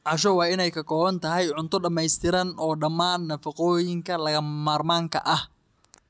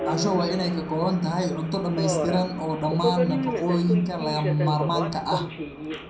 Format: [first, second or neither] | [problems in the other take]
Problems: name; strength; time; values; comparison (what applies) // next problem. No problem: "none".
first | background sound (Subway, metro, underground); 5 dB below the speech // room echo; dies away in 0.6 s